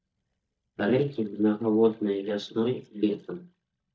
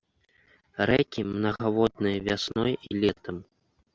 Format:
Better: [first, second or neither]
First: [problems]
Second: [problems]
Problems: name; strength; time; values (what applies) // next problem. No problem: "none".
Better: second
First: noise reduction (neural mask model DeepFilterNet 3)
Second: none